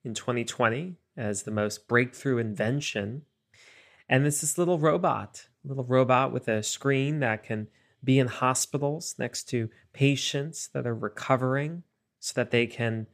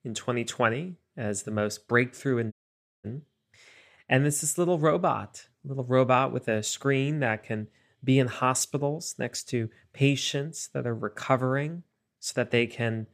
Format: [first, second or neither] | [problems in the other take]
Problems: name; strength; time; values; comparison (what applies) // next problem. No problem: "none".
first | audio cutting out; at 2.5 s for 0.5 s